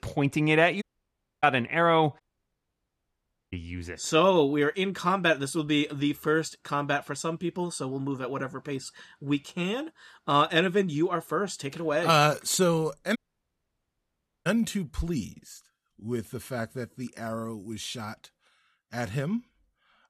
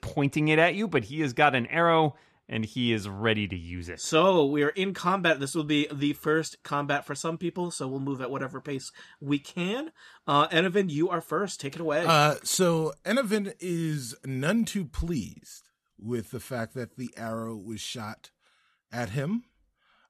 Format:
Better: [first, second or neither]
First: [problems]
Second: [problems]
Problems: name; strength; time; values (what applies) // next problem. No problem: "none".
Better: second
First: audio cutting out; at 1 s for 0.5 s, at 2 s for 1.5 s and at 13 s for 1.5 s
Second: none